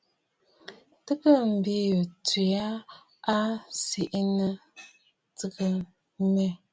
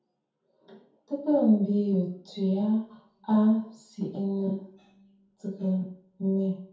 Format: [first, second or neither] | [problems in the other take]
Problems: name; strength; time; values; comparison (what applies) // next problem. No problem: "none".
first | room echo; dies away in 0.6 s